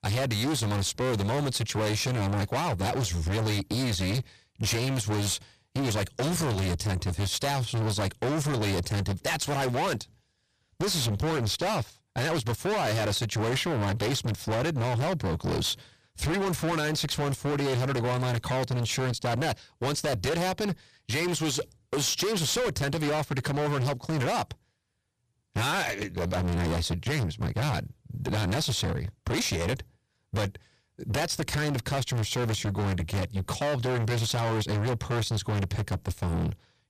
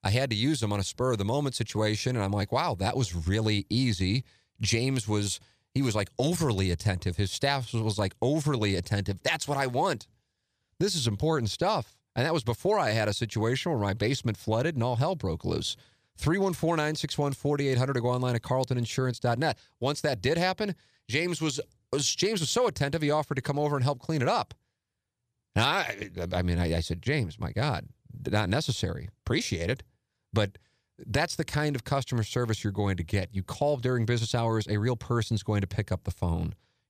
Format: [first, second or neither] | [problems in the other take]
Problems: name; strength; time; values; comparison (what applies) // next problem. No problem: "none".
second | distortion; heavy; 35% of the sound clipped